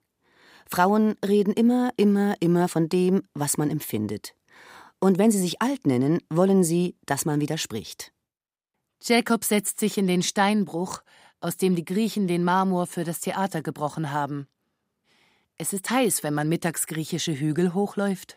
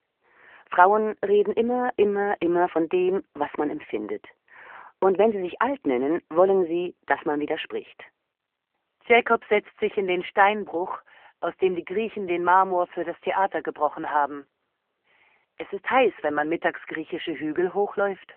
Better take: first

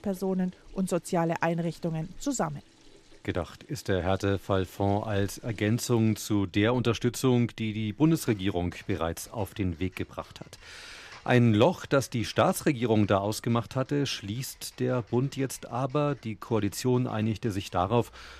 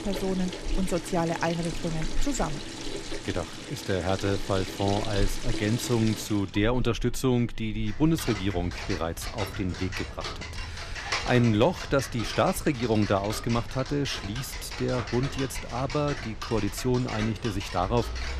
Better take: first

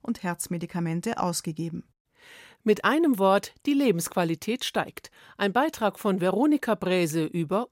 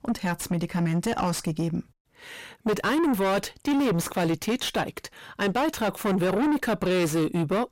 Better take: first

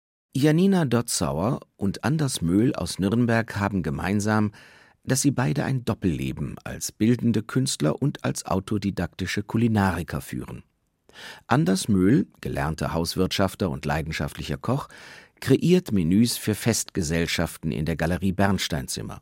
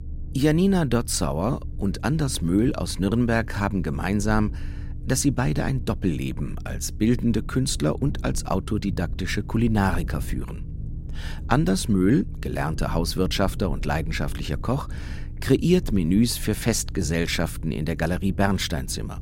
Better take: first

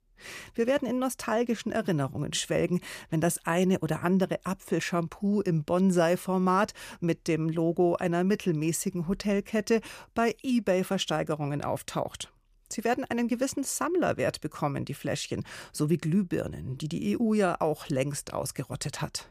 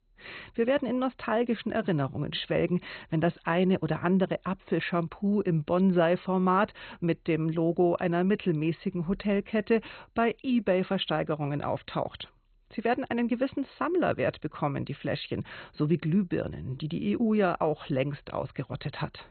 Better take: first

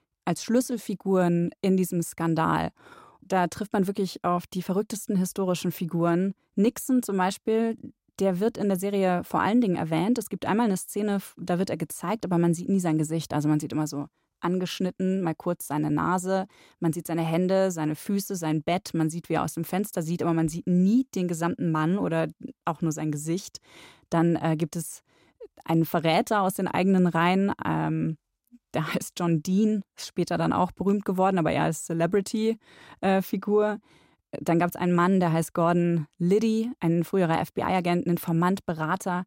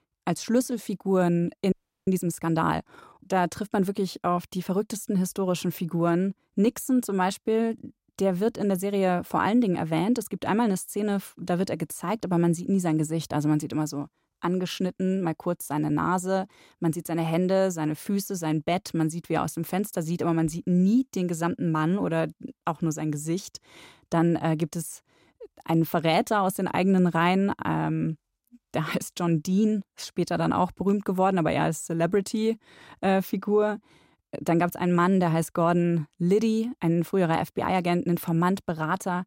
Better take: first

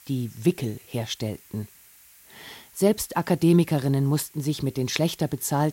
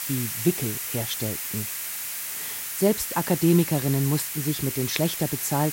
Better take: first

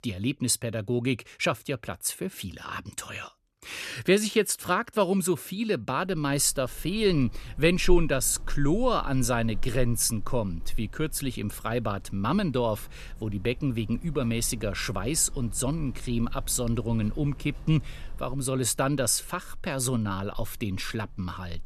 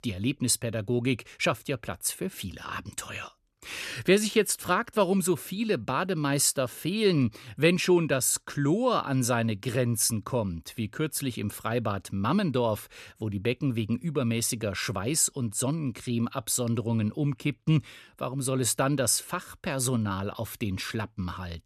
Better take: second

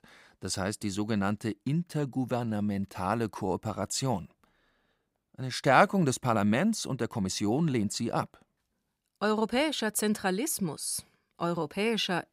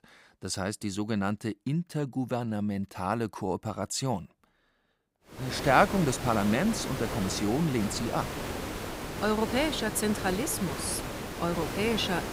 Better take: first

